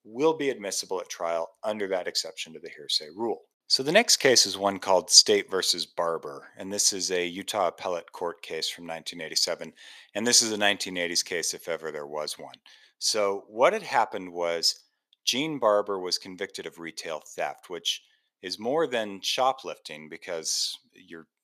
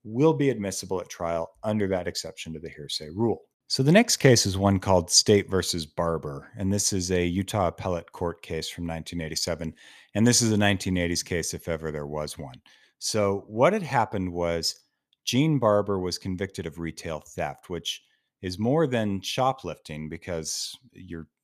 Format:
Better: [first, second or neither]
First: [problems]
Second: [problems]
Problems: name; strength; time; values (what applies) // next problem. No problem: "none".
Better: second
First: thin; somewhat; fading below 450 Hz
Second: none